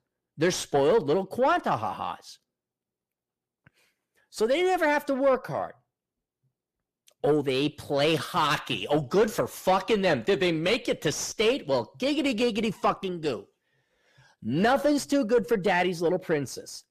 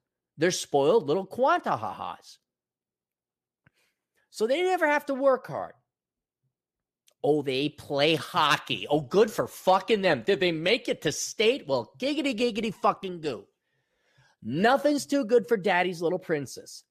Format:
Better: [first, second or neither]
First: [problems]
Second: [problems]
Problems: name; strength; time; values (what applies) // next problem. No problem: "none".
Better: second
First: distortion; slight; 10 dB below the speech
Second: none